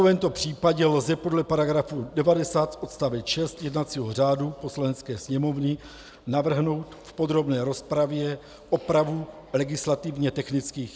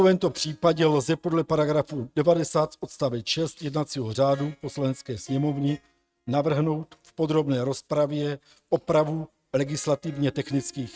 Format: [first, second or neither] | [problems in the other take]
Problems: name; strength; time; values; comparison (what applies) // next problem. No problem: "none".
first | noise reduction (neural mask model RNNoise)